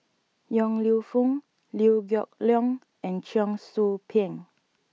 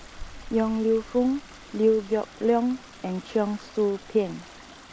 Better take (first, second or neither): first